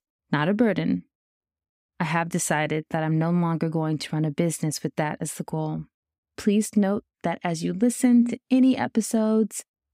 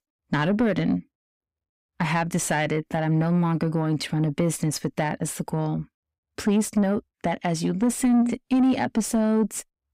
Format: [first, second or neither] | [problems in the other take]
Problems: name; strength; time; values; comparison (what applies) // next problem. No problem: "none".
first | distortion; slight; 10 dB below the speech